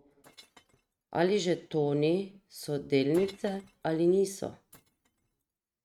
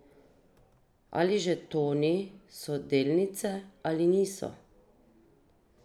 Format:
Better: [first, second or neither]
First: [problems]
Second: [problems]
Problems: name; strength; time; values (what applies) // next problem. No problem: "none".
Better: second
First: noise reduction (neural mask model RNNoise)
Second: none